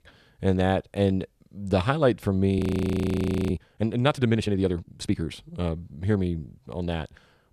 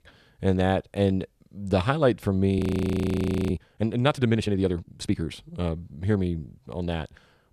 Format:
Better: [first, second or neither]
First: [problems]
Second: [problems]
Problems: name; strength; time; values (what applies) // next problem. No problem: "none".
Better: neither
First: audio freezing; at 2.5 s for 1 s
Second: audio freezing; at 2.5 s for 1 s